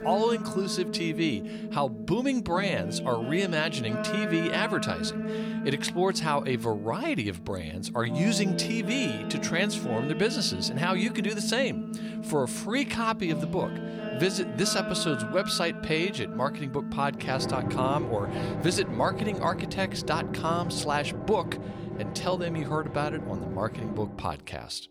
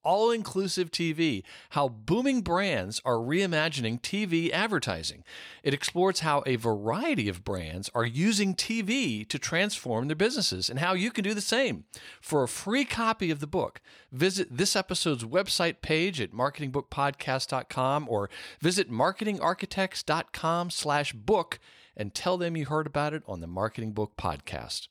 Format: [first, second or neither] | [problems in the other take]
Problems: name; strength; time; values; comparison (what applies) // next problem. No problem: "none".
second | background music; loud; throughout; 5 dB below the speech